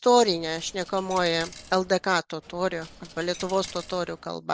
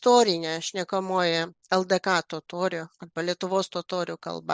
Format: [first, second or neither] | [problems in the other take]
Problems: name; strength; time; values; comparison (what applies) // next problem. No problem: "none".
second | background sound (Coin (dropping)); 19 dB below the speech